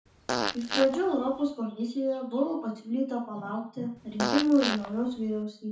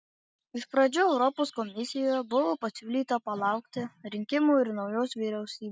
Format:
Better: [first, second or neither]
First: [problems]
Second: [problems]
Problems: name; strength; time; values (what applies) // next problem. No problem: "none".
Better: second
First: background sound (Fart); 5 dB below the speech // room echo; dies away in 0.7 s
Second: none